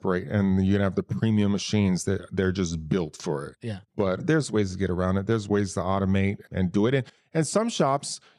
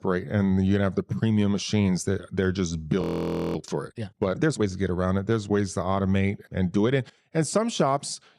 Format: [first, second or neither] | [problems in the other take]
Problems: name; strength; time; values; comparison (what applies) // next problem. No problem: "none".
first | audio freezing; at 3 s for 0.5 s